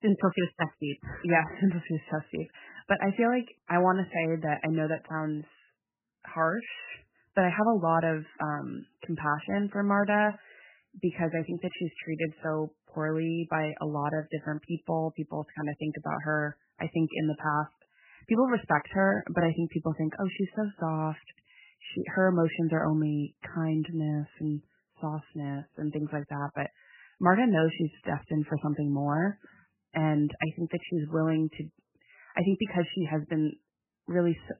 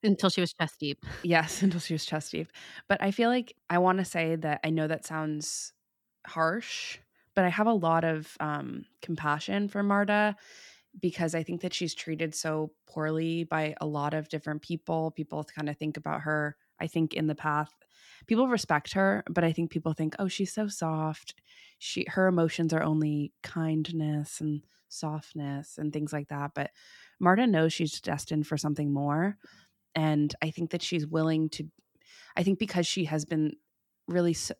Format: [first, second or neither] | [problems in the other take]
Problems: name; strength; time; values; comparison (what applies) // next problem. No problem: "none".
second | garbled, watery; badly; nothing above 3 kHz